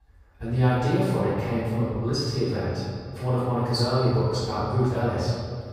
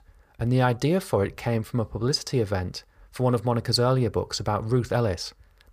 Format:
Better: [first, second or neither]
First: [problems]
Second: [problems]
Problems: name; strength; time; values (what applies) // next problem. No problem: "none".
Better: second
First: off-mic speech; far // room echo; strong; dies away in 1.9 s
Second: none